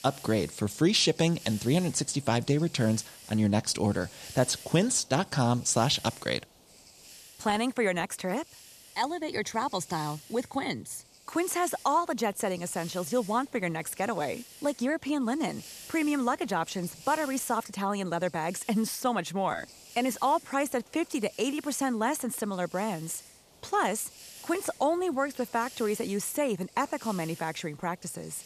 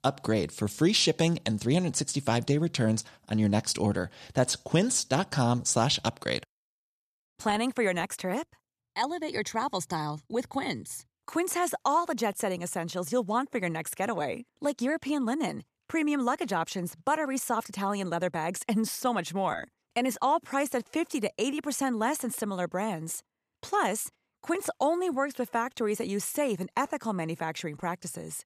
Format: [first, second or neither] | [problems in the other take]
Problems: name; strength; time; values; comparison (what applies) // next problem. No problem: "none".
second | hiss; noticeable; throughout; 20 dB below the speech